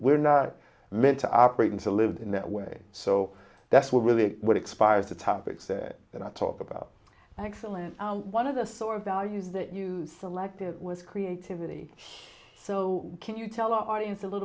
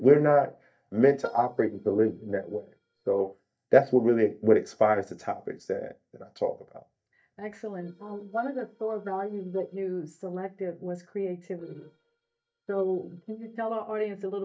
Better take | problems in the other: first | noise reduction (neural mask model DeepFilterNet 3)

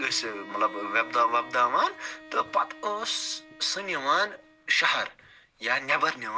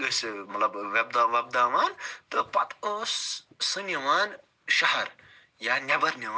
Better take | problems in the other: second | background sound (Bowed string instrument); 19 dB below the speech

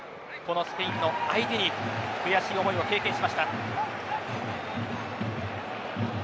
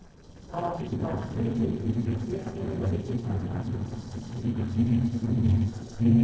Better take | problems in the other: first | noise reduction (neural separator model SepFormer DNS4)

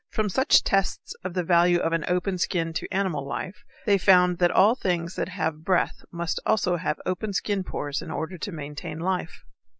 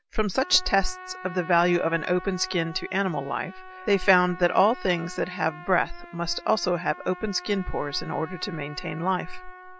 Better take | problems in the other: first | background sound (Trumpet); 17 dB below the speech

